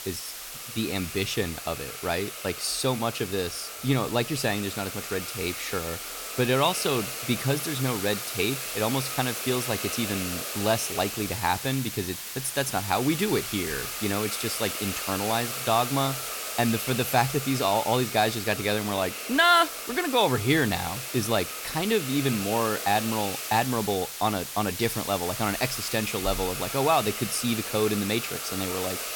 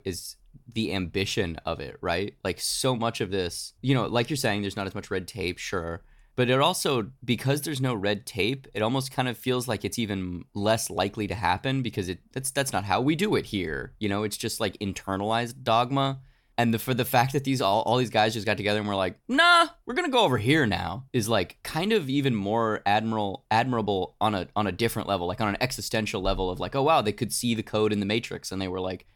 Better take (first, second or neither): second